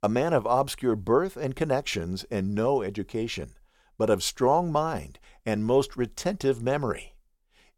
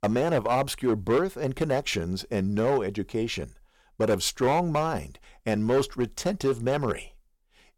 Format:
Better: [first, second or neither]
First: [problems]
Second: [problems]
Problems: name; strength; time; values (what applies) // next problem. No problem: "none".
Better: first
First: none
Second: distortion; slight; 6% of the sound clipped